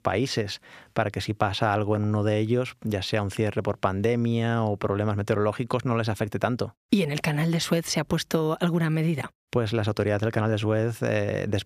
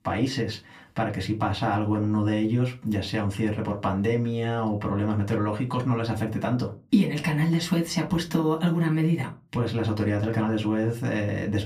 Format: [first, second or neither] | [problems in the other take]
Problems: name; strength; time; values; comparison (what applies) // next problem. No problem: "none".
first | off-mic speech; far // room echo; very slight; dies away in 0.3 s